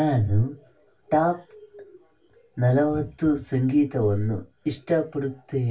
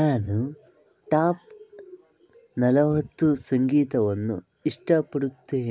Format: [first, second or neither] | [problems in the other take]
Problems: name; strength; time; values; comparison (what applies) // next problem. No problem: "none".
second | room echo; dies away in 0.2 s